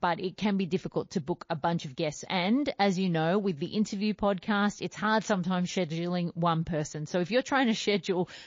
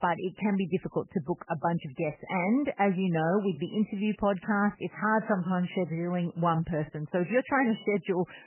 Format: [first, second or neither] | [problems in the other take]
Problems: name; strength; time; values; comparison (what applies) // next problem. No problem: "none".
first | garbled, watery; badly; nothing above 3 kHz; slightly in the first